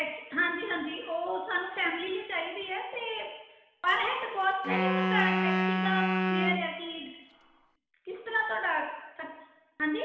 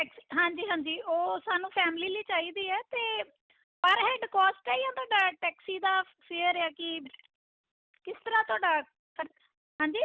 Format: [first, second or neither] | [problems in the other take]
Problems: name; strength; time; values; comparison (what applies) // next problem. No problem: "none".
second | background sound (Wind instrument, woodwind instrument); 3 dB above the speech // room echo; dies away in 1.1 s